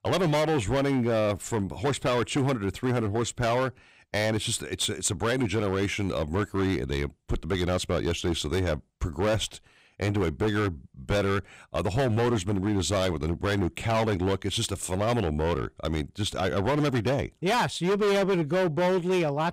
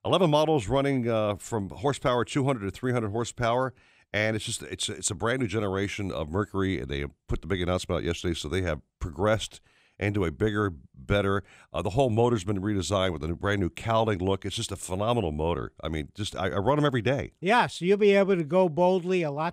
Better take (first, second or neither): second